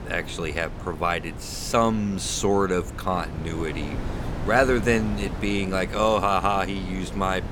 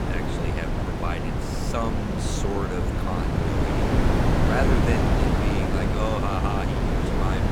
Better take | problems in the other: first | wind noise on the microphone; heavy; 3 dB above the speech; occasional gusts in the first

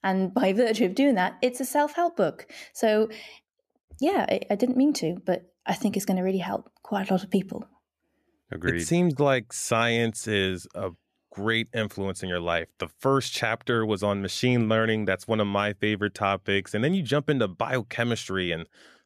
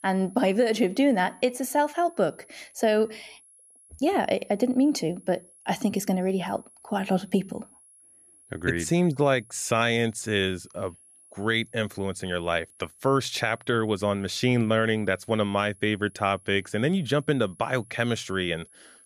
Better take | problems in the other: first | high-pitched whine; faint; throughout; 11 kHz, 25 dB below the speech

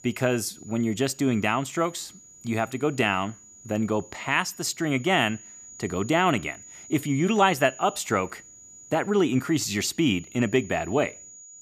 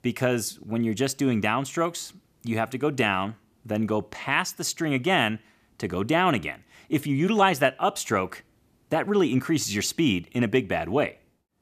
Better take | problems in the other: second | high-pitched whine; noticeable; throughout; 7 kHz, 20 dB below the speech

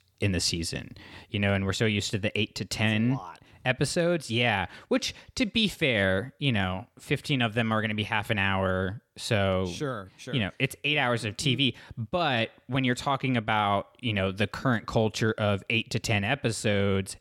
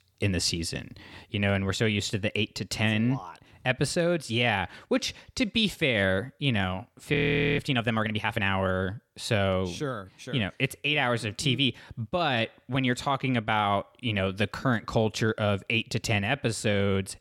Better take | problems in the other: first | audio freezing; at 7 s

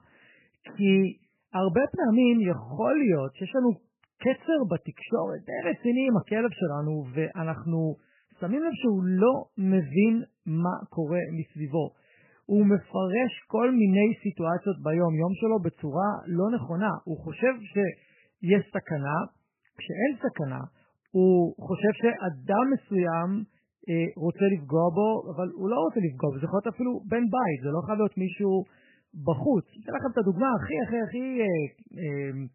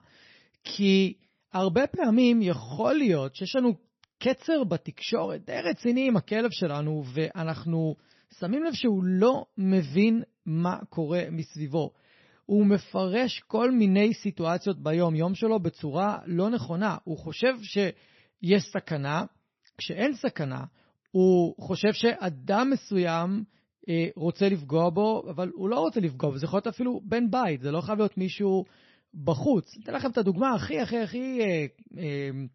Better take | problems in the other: second | garbled, watery; badly; nothing above 3 kHz; slightly in the second

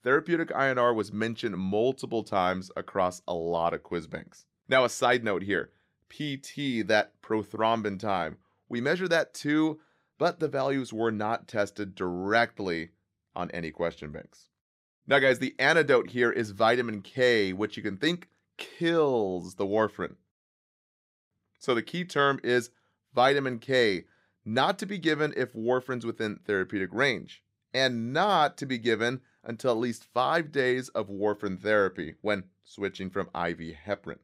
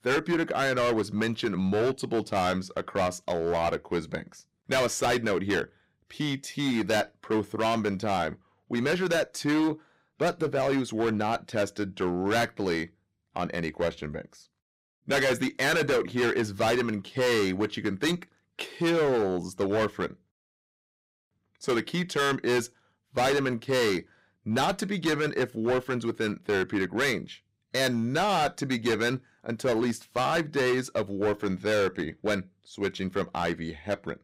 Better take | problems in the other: first | distortion; heavy; 13% of the sound clipped

